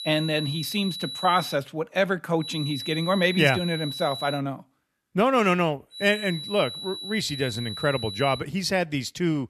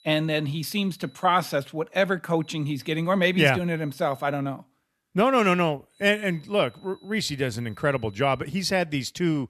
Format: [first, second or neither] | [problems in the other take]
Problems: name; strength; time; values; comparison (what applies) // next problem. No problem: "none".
second | high-pitched whine; loud; until 1.5 s, from 2.5 to 4.5 s and from 6 to 8.5 s; 4 kHz, 8 dB below the speech; faint in the second